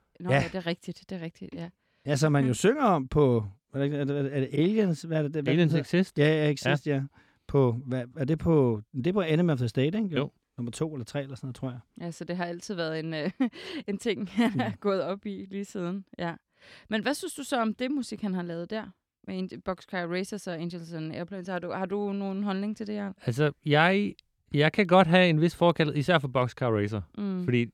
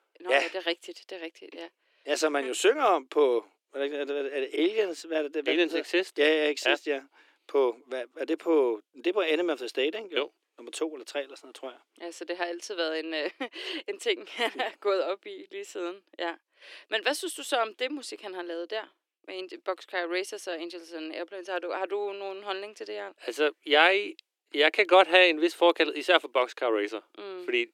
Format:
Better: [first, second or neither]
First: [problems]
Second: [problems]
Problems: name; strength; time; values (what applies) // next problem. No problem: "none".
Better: first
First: none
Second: thin; very; fading below 300 Hz